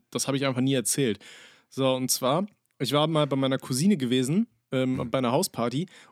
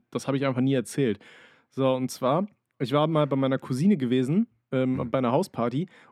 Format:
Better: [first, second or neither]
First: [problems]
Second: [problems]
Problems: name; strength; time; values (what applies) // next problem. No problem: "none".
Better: first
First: none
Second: muffled; slightly; fading above 3 kHz